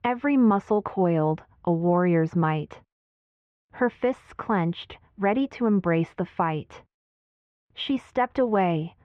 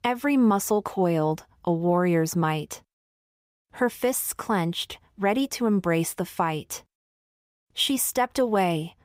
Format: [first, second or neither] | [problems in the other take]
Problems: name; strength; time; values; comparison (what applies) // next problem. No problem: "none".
second | muffled; very; fading above 2.5 kHz